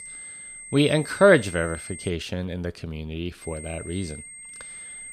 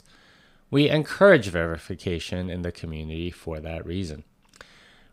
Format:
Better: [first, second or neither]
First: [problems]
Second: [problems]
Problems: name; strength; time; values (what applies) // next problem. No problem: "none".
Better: second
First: high-pitched whine; noticeable; until 2 s and from 3.5 s on; 8.5 kHz, 15 dB below the speech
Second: none